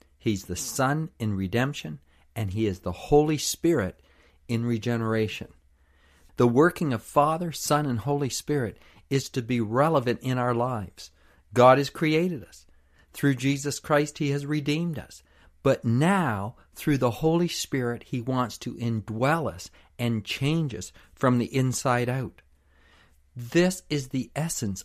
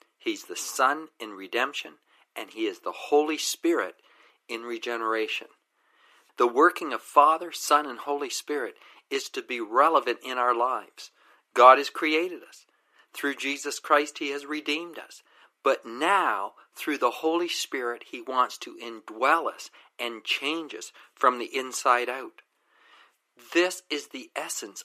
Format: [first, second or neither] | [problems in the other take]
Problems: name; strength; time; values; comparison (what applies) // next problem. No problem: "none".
first | thin; very; fading below 300 Hz